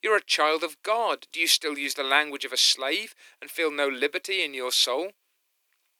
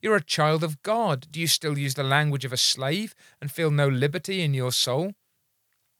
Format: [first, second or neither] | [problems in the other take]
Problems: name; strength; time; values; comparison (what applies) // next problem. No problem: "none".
second | thin; very; fading below 300 Hz